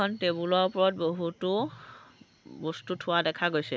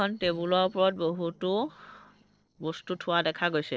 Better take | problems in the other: first | noise reduction (neural separator model SepFormer DNS4)

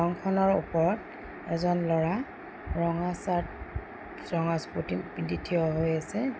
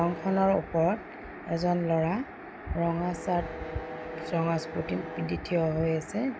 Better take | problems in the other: first | background sound (Bowed string instrument); 14 dB below the speech

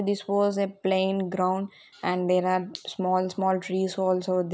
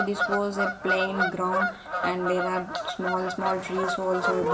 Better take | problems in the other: first | background sound (Bird vocalization, bird call, bird song / Fowl); as loud as the speech // room echo; dies away in 0.4 s

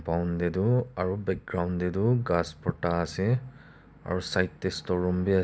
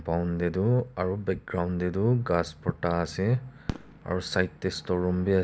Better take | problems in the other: first | background sound (Fireworks); 20 dB below the speech

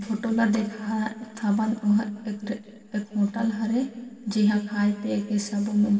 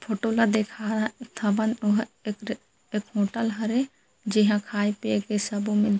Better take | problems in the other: second | room echo; dies away in 1.9 s

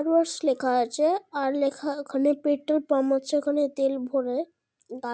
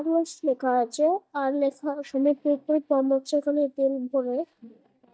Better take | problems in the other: first | noise reduction (neural mask model DeepFilterNet 3)

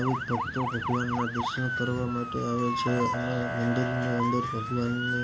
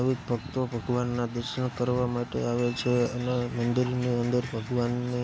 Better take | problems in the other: second | background sound (Motor vehicle (road) / Siren); 3 dB below the speech // room echo; dies away in 2 s

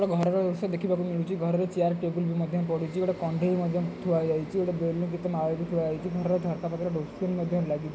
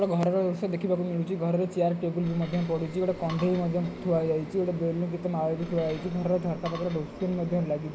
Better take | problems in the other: first | background sound (Cutlery, silverware / Dishes, pots, and pans); 19 dB below the speech

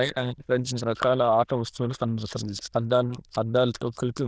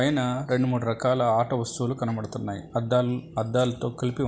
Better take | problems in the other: second | noise reduction (neural diffusion model UNIVERSE++)

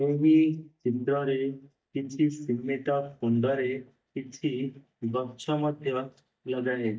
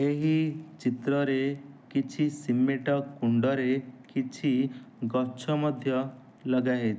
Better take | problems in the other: second | noise reduction (neural mask model DeepFilterNet 3)

